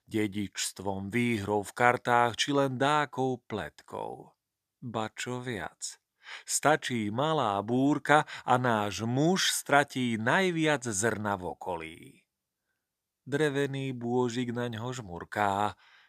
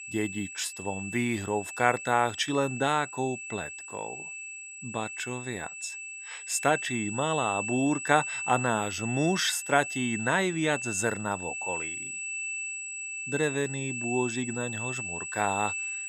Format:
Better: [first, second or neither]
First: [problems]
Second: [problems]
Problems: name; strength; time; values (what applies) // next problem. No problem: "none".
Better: first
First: none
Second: high-pitched whine; loud; throughout; 2.5 kHz, 5 dB below the speech